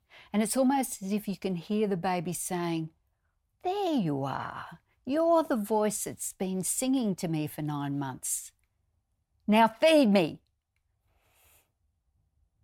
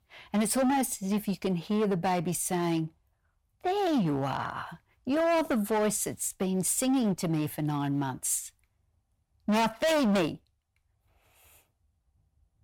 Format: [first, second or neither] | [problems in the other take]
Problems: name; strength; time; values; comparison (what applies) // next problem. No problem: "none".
first | distortion; heavy; 11% of the sound clipped